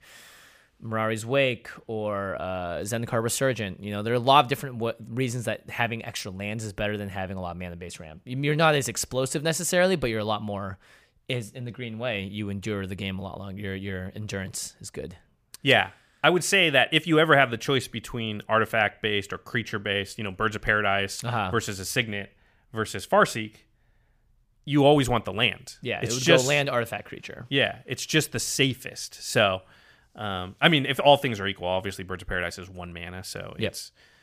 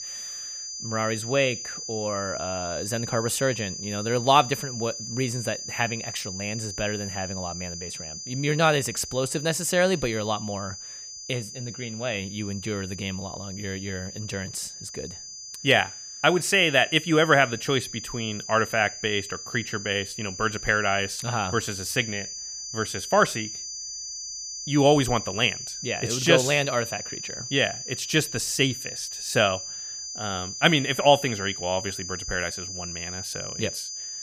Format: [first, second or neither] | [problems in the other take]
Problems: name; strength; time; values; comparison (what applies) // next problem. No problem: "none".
first | high-pitched whine; loud; throughout; 6 kHz, 8 dB below the speech